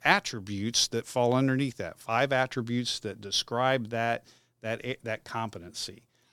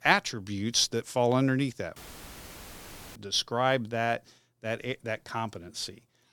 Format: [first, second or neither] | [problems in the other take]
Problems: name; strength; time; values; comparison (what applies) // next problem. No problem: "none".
first | audio cutting out; filled with static; at 2 s for 1 s